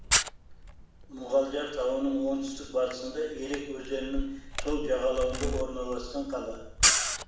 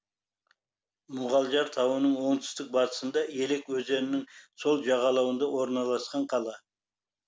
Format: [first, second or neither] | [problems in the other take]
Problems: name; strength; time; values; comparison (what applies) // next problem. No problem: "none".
second | background sound (Camera); 1 dB below the speech // room echo; dies away in 0.6 s